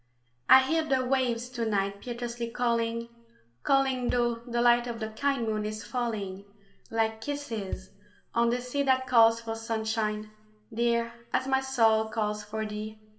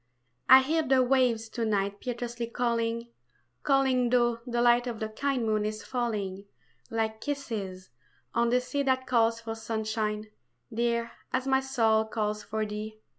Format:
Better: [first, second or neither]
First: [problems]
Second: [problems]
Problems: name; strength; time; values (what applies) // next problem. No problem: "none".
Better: second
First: background sound (Bass drum); 15 dB below the speech // room echo; dies away in 0.9 s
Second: none